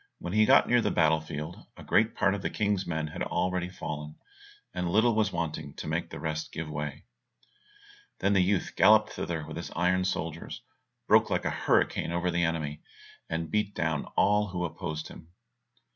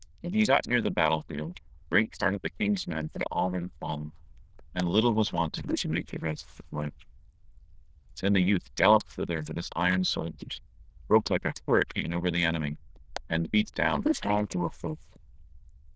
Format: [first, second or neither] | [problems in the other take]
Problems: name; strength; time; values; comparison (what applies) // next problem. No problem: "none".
first | noise reduction (neural diffusion model UNIVERSE++)